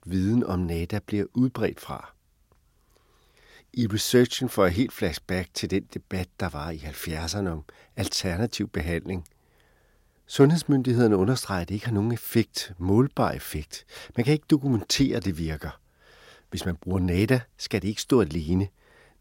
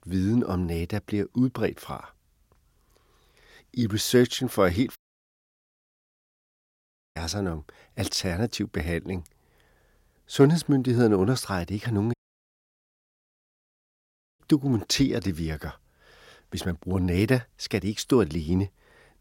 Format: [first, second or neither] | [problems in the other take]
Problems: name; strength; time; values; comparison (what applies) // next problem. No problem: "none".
first | audio cutting out; at 5 s for 2 s and at 12 s for 2.5 s